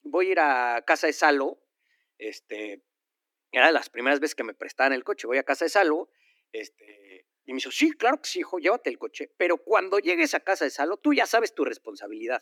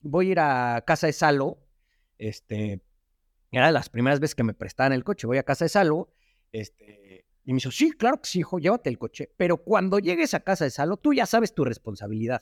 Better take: second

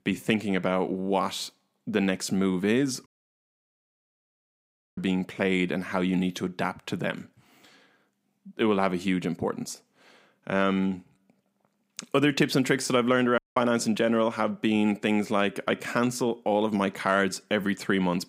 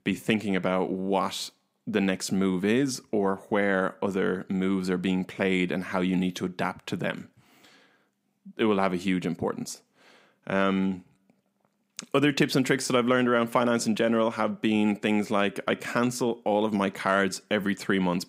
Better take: second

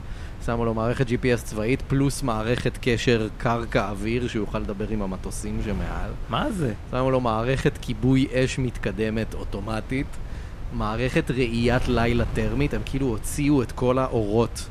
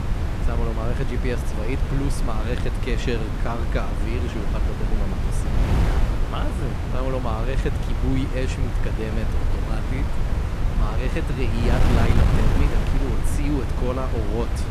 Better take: first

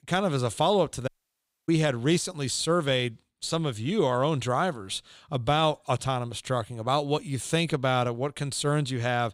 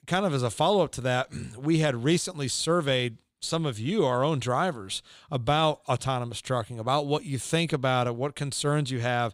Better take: second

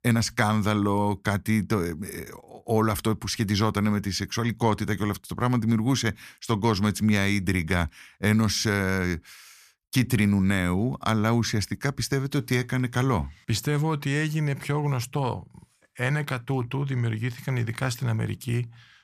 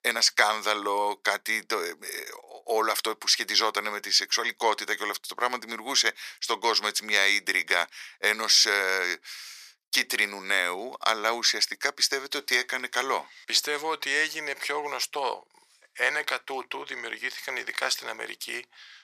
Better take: first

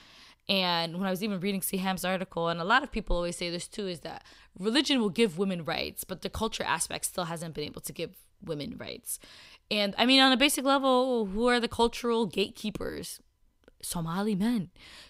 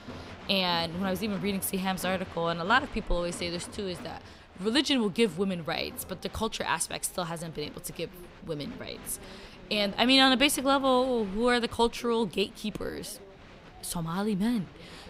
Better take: first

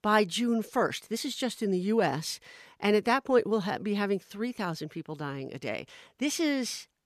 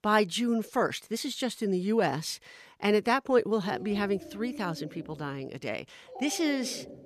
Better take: first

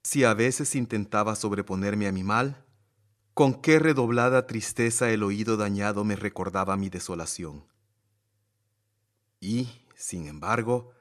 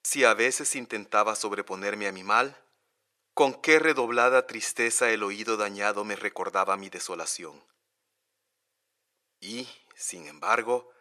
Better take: first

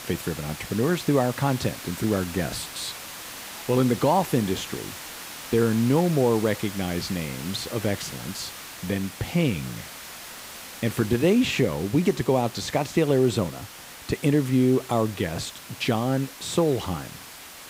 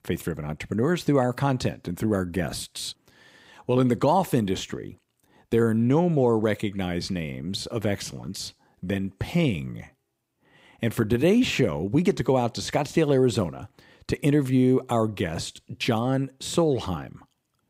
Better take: second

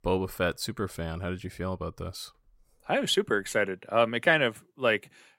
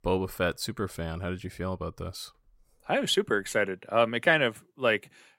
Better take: neither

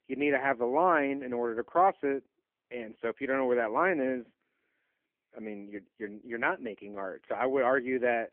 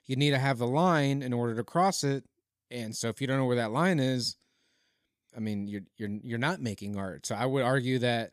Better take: second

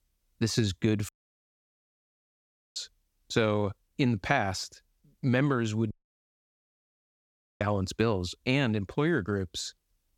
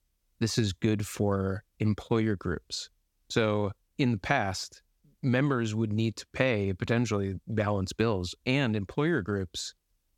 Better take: second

